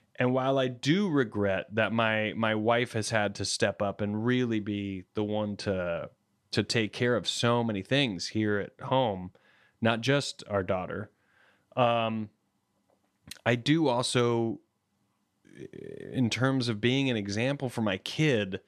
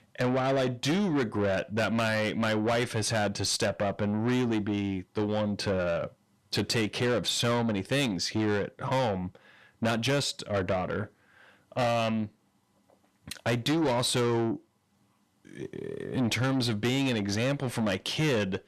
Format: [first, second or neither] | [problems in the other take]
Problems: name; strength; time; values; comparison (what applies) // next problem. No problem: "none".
first | distortion; heavy; 8 dB below the speech